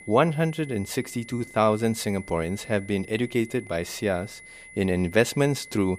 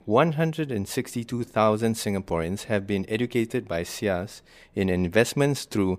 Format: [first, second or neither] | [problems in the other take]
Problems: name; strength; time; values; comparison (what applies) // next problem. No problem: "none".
second | high-pitched whine; noticeable; throughout; 2 kHz, 20 dB below the speech